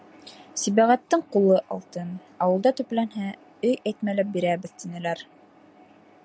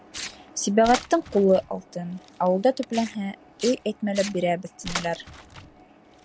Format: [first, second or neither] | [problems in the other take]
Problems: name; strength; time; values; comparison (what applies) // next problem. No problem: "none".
first | background sound (Tearing); 14 dB below the speech